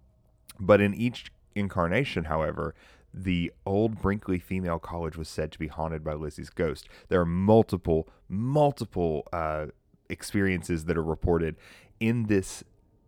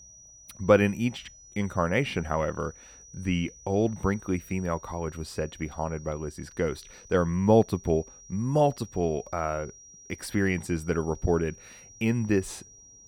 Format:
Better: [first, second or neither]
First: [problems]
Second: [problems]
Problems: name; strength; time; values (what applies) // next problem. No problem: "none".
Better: first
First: none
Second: high-pitched whine; faint; throughout; 5.5 kHz, 20 dB below the speech